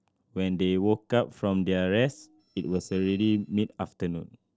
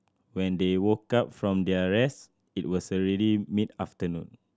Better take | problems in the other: second | noise reduction (neural separator model SepFormer DNS4)

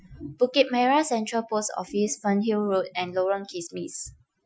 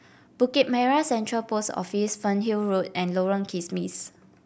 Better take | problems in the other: second | noise reduction (classical method Wiener filter)

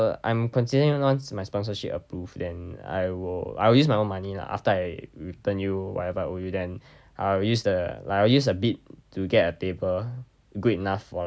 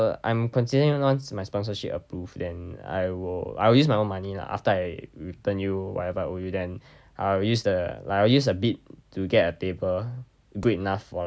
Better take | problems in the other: first | background sound (Hammer); 19 dB below the speech

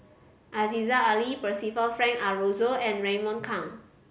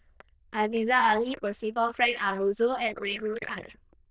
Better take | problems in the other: first | noise reduction (neural diffusion model UNIVERSE++)

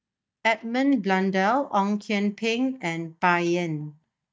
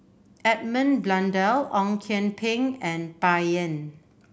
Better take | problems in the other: second | noise reduction (neural mask model DeepFilterNet 3)

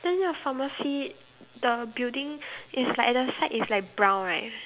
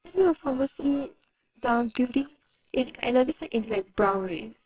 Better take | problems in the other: first | noise reduction (neural separator model SepFormer WHAMR!)

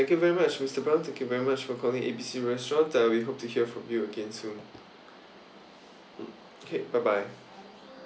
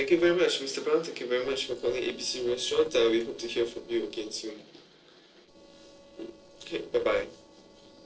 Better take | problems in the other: first | noise reduction (neural separator model SepFormer DNS4)

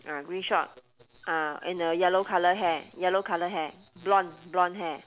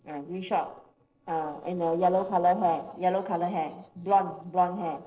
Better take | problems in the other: first | noise reduction (neural separator model SepFormer DNS4)

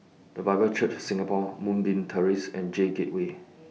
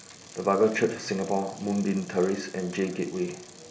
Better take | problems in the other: first | background sound (Bicycle); 20 dB below the speech // room echo; dies away in 0.4 s

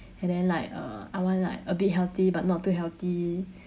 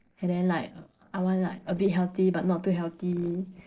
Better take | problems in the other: first | noise reduction (neural separator model SepFormer DNS4)

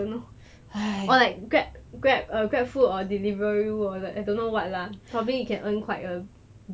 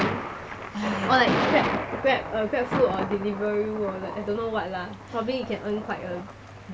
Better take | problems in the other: first | background sound (Thunder); 4 dB below the speech

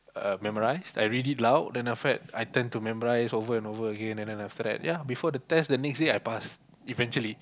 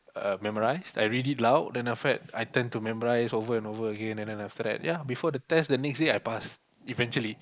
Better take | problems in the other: first | noise reduction (neural mask model Resemble Enhance denoiser)

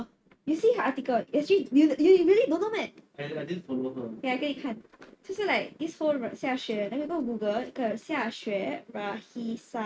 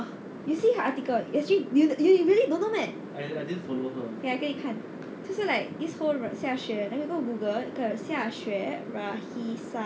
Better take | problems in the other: second | noise reduction (neural mask model RNNoise)

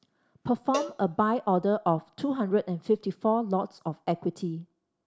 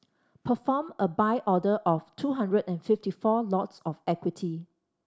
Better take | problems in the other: second | background sound (Cowbell); 11 dB below the speech

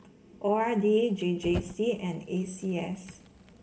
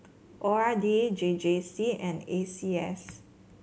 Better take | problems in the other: second | background sound (Fire); 16 dB below the speech // room echo; dies away in 0.7 s

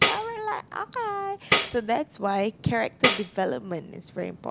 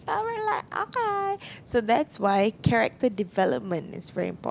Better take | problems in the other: second | background sound (Tambourine); 1 dB below the speech

